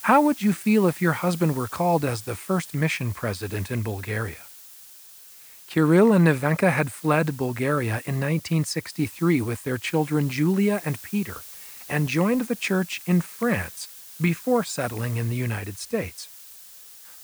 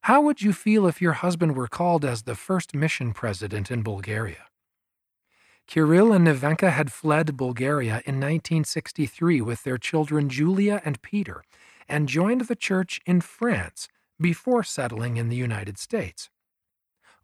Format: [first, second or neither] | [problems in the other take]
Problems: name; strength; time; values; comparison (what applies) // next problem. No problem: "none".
second | hiss; noticeable; throughout; 15 dB below the speech